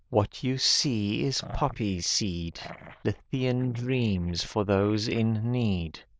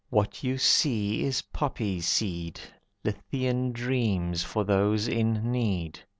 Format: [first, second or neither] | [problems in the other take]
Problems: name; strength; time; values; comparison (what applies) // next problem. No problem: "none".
second | noise reduction (neural diffusion model UNIVERSE++)